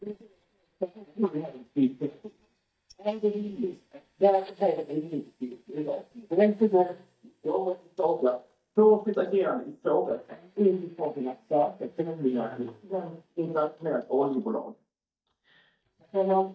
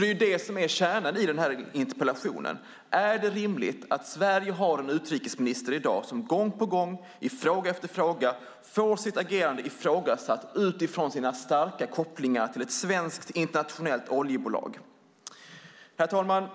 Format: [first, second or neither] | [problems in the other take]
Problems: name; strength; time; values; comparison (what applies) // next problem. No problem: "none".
second | noise reduction (neural mask model DeepFilterNet 3)